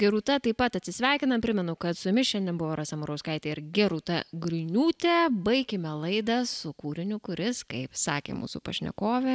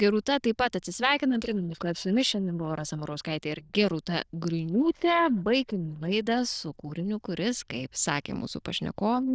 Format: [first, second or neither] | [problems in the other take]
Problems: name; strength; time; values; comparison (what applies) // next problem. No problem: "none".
first | noise reduction (neural diffusion model UNIVERSE++)